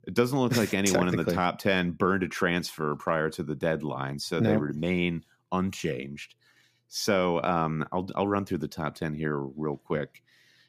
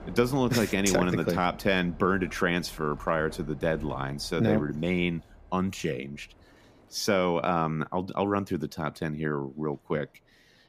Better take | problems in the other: first | train or aircraft noise; noticeable; throughout; 20 dB below the speech

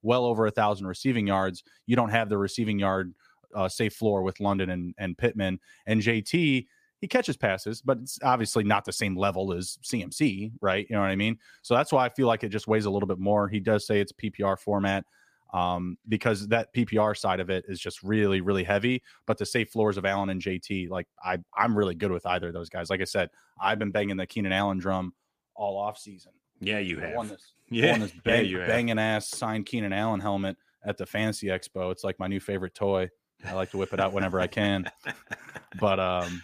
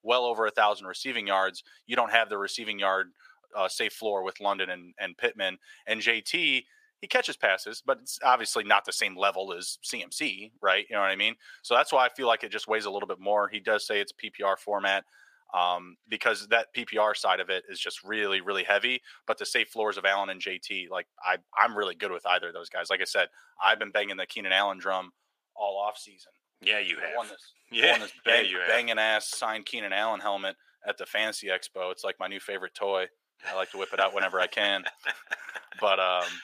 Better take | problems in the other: first | thin; very; fading below 650 Hz

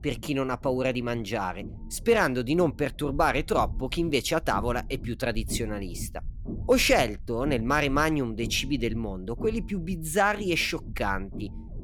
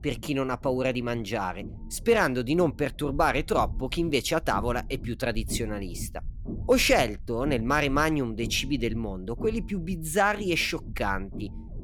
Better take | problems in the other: neither | low rumble; faint; throughout; 25 dB below the speech; the same in both

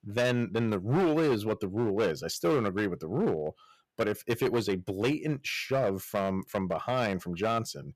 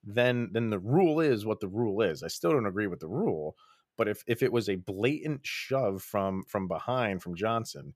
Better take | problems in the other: second | distortion; slight; 9% of the sound clipped

